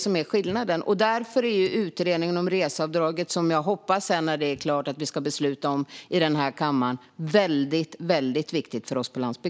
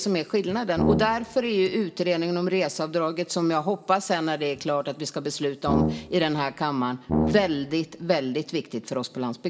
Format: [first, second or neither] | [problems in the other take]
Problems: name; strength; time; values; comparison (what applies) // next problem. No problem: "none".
first | background sound (Brass instrument); 3 dB below the speech // room echo; dies away in 0.8 s